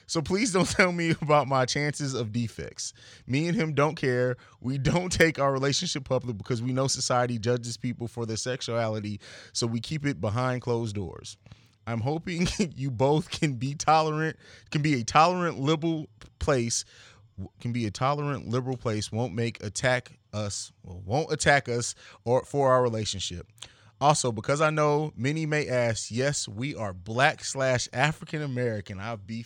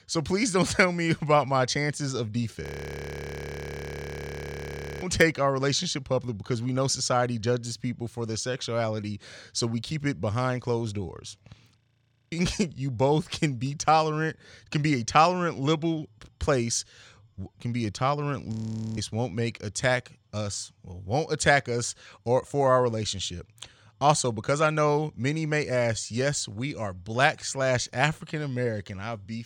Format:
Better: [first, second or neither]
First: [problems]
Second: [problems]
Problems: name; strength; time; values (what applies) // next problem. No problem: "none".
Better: first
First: none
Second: audio freezing; at 2.5 s for 2.5 s, at 12 s for 0.5 s and at 19 s